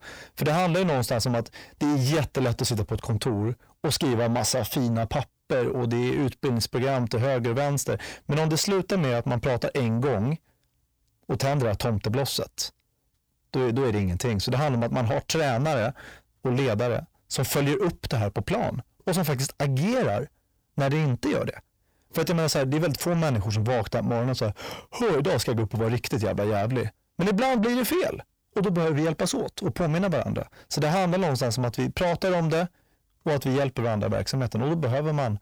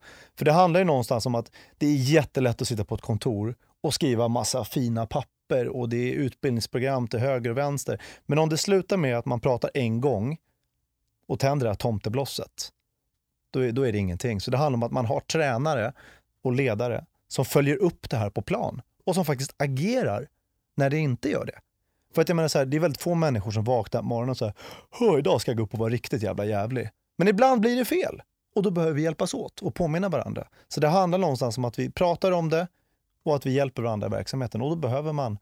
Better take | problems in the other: second | distortion; heavy; 7 dB below the speech

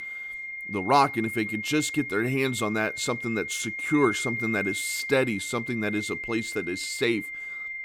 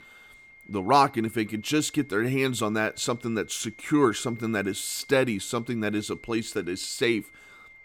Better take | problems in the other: second | high-pitched whine; loud; throughout; 2 kHz, 5 dB below the speech; faint in the second

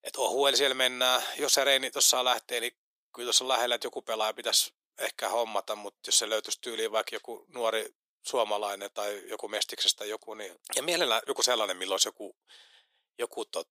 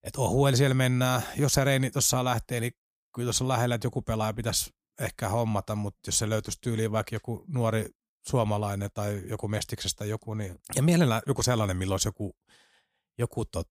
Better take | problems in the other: second | thin; very; fading below 400 Hz

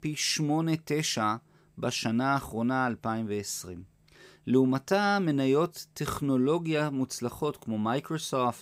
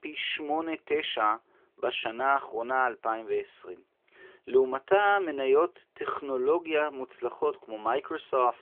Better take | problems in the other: first | phone-call audio; nothing above 3.5 kHz

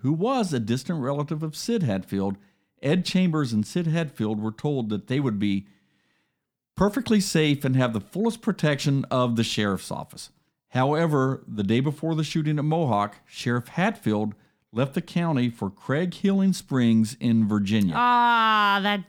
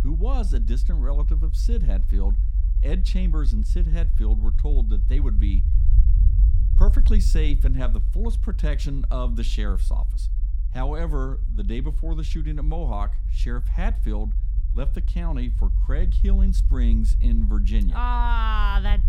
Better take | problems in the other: first | low rumble; noticeable; throughout; 10 dB below the speech

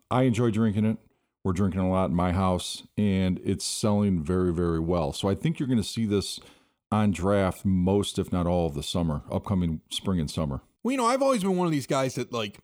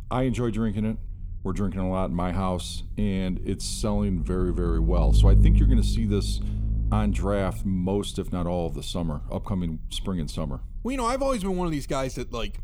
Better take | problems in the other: first | low rumble; noticeable; throughout; 10 dB below the speech

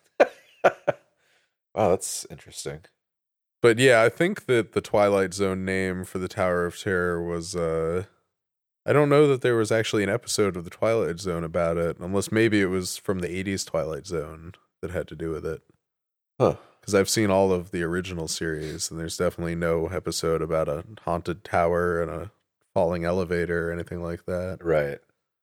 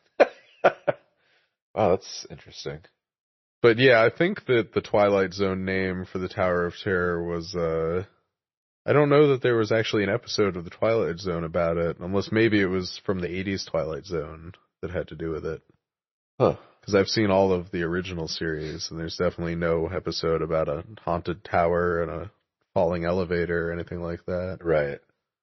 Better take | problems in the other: first | garbled, watery; slightly; nothing above 6 kHz

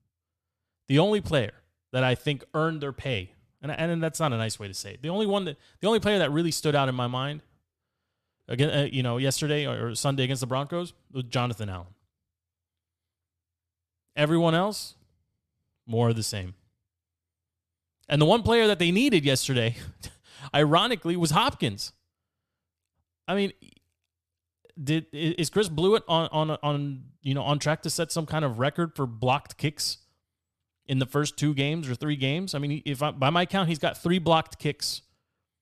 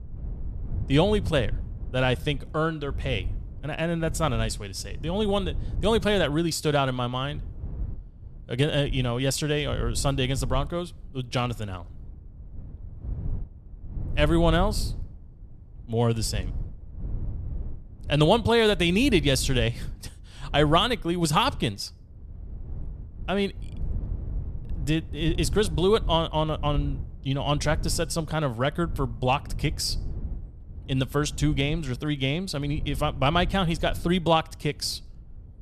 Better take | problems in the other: first | wind noise on the microphone; occasional gusts; 25 dB below the speech

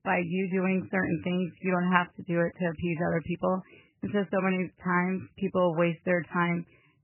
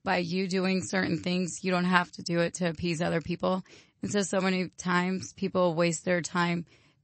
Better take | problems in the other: second | garbled, watery; badly; nothing above 3 kHz; slightly in the second

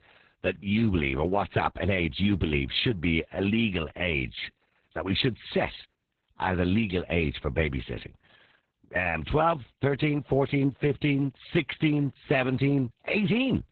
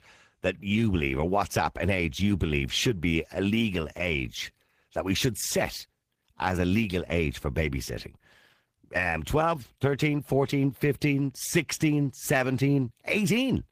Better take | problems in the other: second | garbled, watery; badly; nothing above 4 kHz; slightly in the second

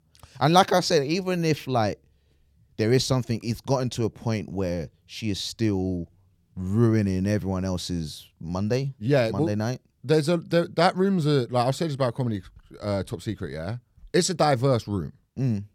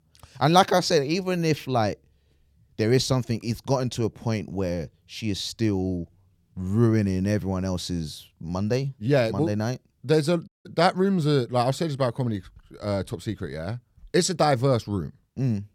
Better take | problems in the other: first | audio cutting out; at 10 s

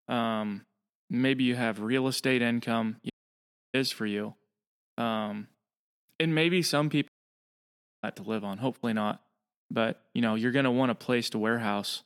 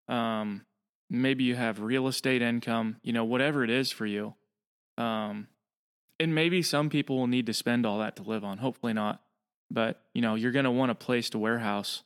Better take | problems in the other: second | audio cutting out; at 3 s for 0.5 s and at 7 s for 1 s

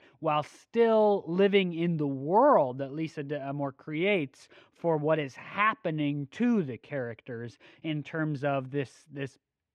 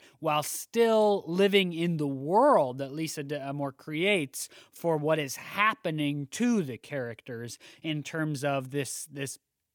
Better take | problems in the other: second | muffled; very; fading above 2.5 kHz

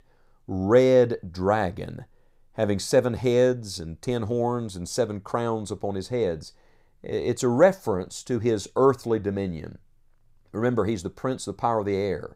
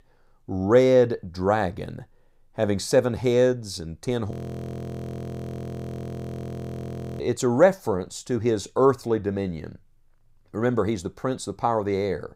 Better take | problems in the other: first | audio freezing; at 4.5 s for 3 s

